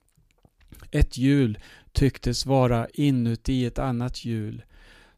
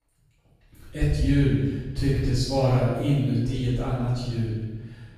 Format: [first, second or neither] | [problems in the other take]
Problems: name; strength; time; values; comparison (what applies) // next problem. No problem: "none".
first | off-mic speech; far // room echo; strong; dies away in 1.1 s